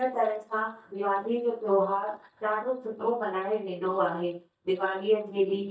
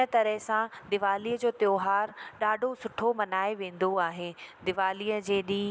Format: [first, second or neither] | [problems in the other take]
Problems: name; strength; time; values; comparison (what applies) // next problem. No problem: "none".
second | noise reduction (neural mask model DeepFilterNet 3)